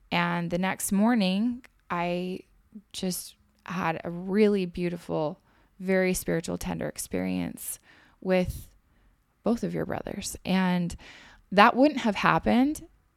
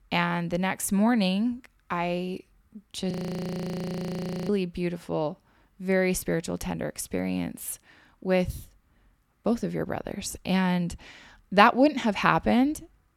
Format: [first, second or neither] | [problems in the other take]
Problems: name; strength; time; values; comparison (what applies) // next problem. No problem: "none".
first | audio freezing; at 3 s for 1.5 s